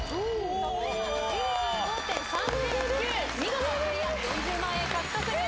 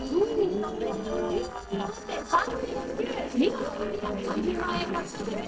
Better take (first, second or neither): first